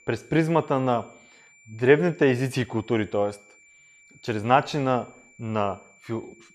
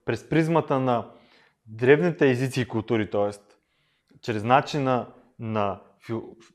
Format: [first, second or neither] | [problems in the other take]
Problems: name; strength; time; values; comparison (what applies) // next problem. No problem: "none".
second | high-pitched whine; faint; throughout; 2.5 kHz, 30 dB below the speech